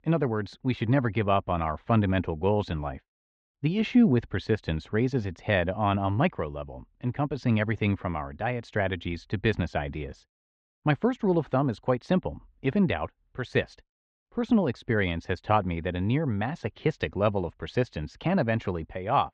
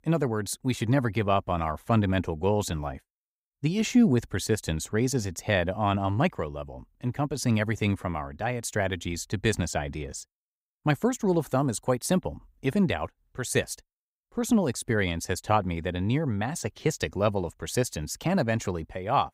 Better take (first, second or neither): second